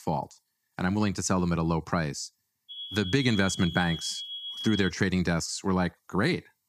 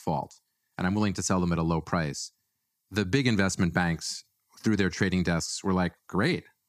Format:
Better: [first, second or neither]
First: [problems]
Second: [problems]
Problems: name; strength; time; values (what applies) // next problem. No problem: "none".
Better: second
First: high-pitched whine; loud; from 2.5 to 5 s; 3.5 kHz, 8 dB below the speech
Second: none